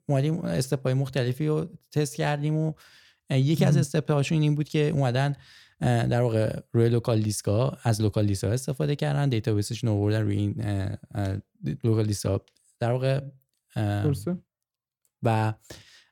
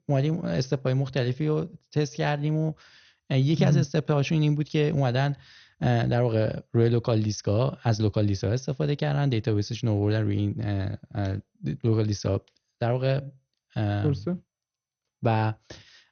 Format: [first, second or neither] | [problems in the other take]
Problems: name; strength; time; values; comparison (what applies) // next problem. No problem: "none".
first | garbled, watery; slightly; nothing above 6.5 kHz